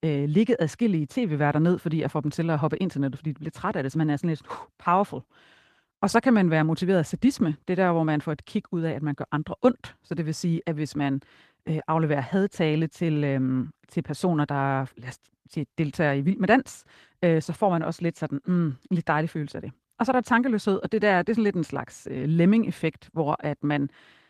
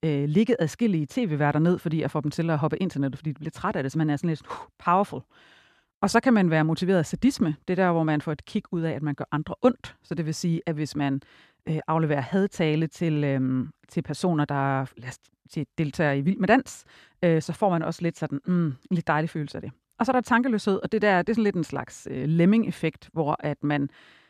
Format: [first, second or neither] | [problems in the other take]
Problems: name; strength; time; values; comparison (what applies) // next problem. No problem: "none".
second | garbled, watery; slightly; nothing above 14 kHz